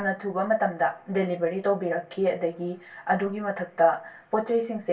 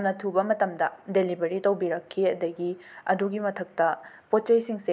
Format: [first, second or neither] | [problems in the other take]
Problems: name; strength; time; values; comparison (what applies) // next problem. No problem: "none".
second | room echo; dies away in 0.2 s